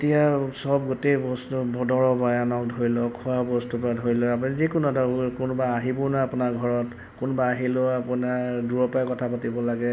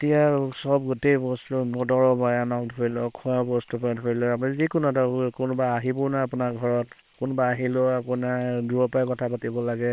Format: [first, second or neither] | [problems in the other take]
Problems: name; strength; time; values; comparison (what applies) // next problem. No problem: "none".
first | noise reduction (neural separator model SepFormer WHAM!)